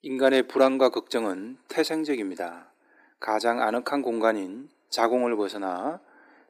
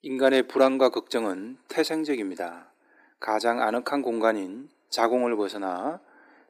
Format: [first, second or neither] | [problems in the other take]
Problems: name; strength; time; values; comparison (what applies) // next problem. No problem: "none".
neither | thin; very; fading below 300 Hz; the same in both